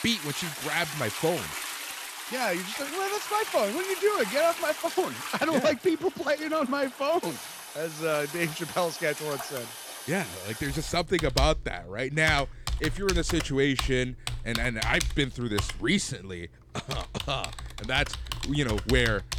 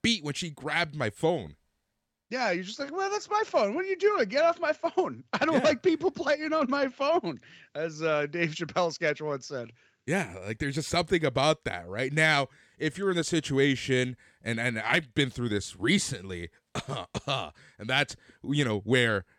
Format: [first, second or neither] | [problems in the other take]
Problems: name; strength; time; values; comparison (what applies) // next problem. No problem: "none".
second | household noises; loud; throughout; 7 dB below the speech